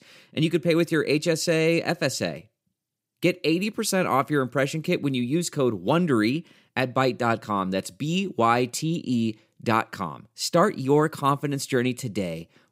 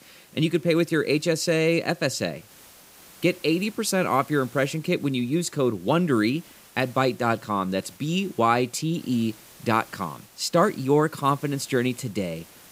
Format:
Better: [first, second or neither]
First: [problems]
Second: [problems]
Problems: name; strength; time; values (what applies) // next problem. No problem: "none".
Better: first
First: none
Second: hiss; faint; throughout; 25 dB below the speech